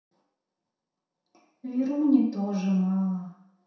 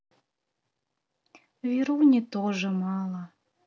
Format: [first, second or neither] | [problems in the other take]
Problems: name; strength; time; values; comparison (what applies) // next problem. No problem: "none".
second | room echo; dies away in 0.7 s